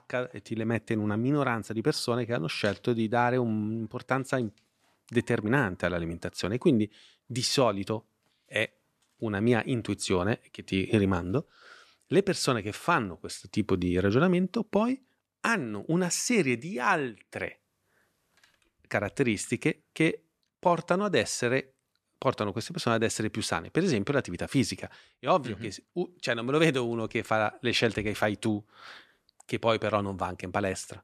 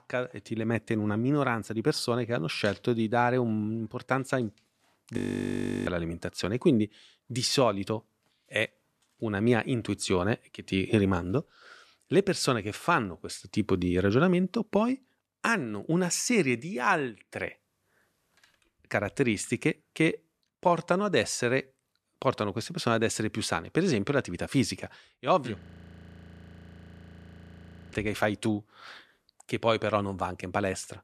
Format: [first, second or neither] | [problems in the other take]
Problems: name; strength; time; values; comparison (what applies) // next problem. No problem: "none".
first | audio freezing; at 5 s for 0.5 s and at 26 s for 2.5 s